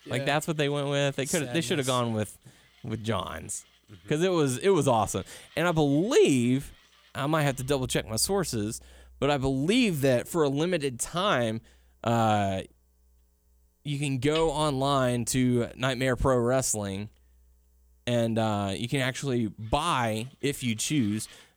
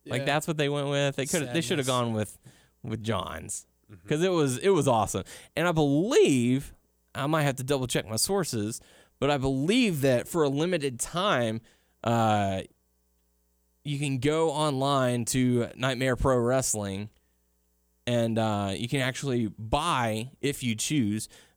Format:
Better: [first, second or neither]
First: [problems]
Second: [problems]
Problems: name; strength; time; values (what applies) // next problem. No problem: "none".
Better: second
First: machinery noise; faint; throughout; 25 dB below the speech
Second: none